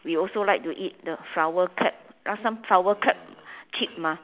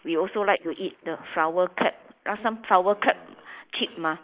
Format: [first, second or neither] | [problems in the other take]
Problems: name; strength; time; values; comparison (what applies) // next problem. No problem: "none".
first | noise reduction (neural mask model Resemble Enhance denoiser)